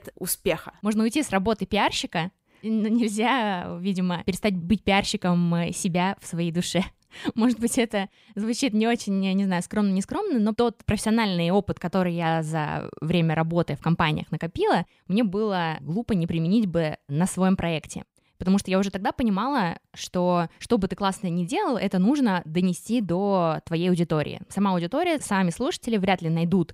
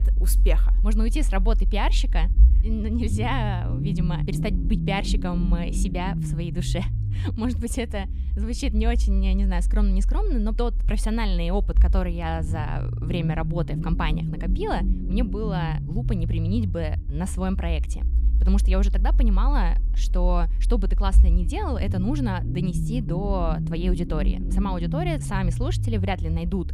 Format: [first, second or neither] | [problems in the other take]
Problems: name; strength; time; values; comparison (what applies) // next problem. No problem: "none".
first | low rumble; loud; throughout; 9 dB below the speech